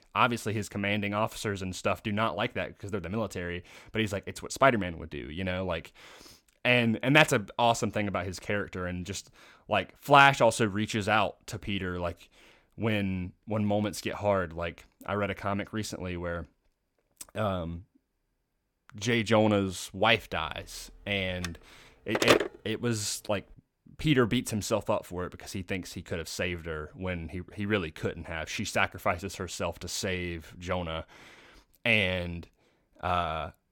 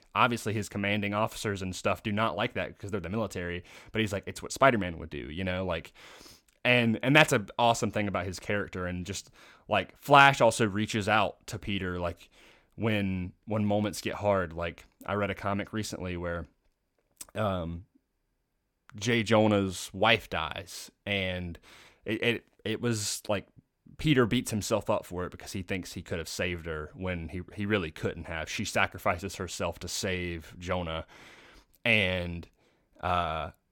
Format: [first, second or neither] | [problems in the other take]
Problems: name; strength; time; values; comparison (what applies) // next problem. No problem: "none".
second | phone ringing; loud; from 21 to 22 s; peak 5 dB above the speech